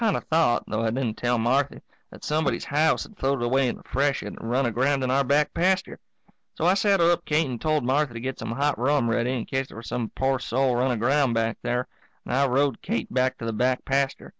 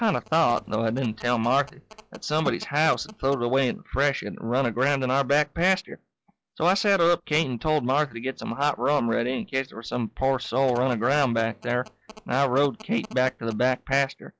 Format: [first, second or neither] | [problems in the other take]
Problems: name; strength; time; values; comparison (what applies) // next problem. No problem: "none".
first | noise reduction (classical method log-MMSE)